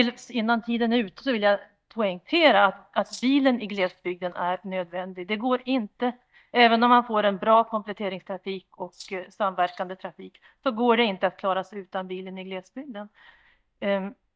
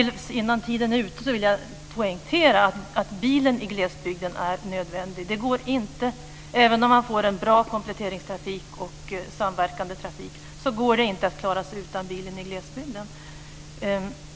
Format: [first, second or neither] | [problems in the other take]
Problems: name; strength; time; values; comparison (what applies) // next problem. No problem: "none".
second | noise reduction (neural mask model DeepFilterNet 3)